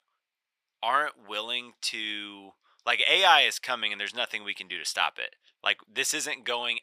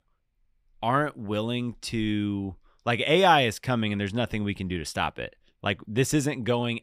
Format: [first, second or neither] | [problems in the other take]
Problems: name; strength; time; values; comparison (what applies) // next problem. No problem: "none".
second | thin; very; fading below 850 Hz